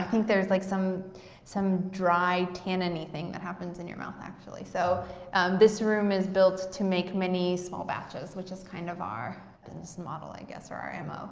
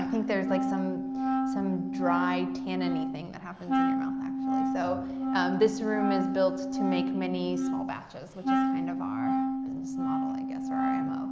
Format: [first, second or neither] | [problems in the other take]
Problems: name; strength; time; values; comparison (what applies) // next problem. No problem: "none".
first | background sound (Wind instrument, woodwind instrument); 3 dB above the speech